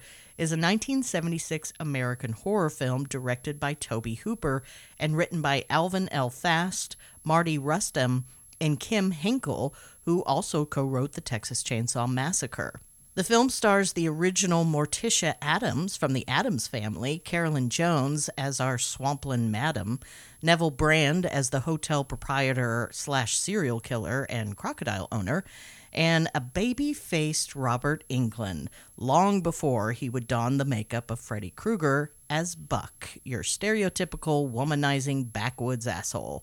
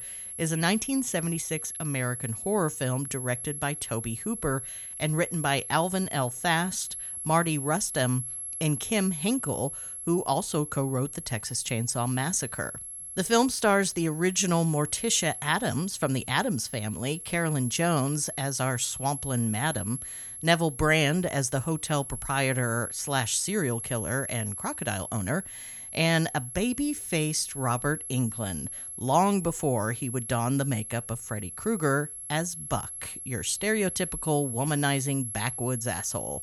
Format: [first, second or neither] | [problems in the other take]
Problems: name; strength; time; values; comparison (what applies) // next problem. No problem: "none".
first | high-pitched whine; loud; throughout; 11 kHz, 7 dB below the speech; faint in the first